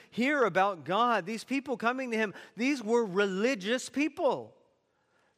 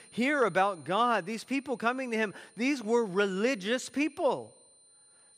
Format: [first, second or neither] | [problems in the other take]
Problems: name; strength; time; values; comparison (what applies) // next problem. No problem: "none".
first | high-pitched whine; faint; throughout; 9 kHz, 25 dB below the speech